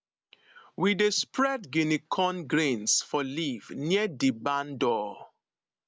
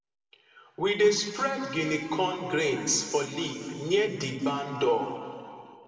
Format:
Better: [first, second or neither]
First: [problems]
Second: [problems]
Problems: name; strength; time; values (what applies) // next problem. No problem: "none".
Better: first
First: none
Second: room echo; dies away in 2.2 s